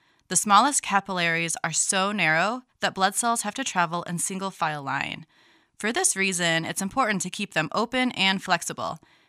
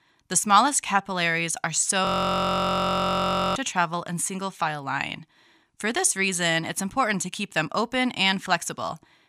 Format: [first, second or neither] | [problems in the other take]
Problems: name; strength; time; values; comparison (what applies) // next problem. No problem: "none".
first | audio freezing; at 2 s for 1.5 s